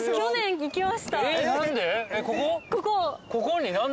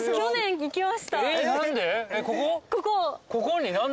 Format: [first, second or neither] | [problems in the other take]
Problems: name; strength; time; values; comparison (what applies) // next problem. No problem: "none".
second | background sound (Bird + Thunder); 18 dB below the speech